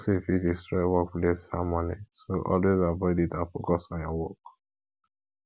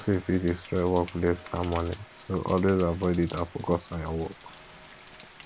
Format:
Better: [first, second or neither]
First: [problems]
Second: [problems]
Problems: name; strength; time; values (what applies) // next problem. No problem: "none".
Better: first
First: none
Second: background sound (Rain); 20 dB below the speech